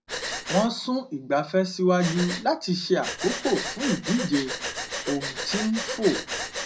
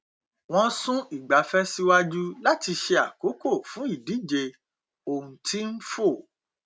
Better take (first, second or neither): second